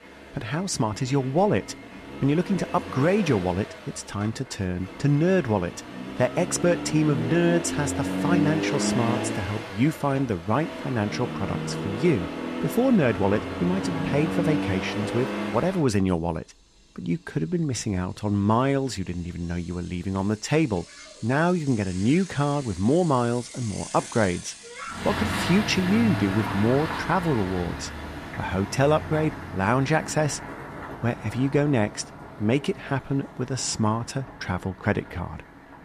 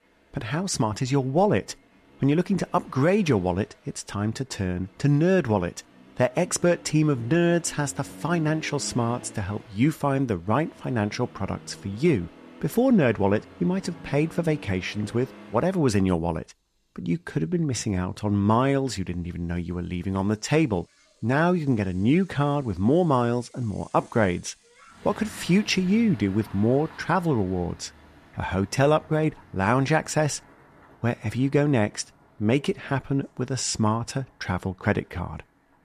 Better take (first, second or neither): second